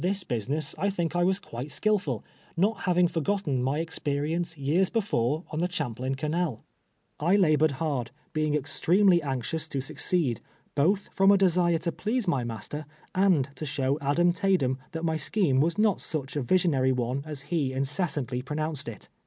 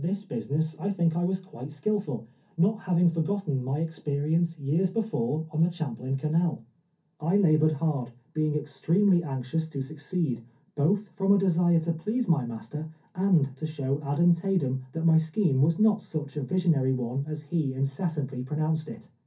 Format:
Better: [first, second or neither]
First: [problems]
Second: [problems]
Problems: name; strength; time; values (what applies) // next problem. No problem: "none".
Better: first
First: none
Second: room echo; dies away in 0.3 s